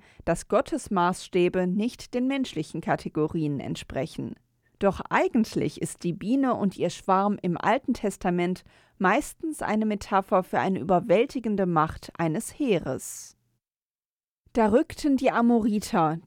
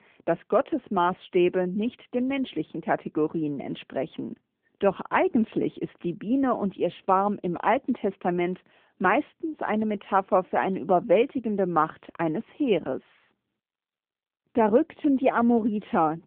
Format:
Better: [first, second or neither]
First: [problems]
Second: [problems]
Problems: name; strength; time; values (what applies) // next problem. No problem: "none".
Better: first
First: none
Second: phone-call audio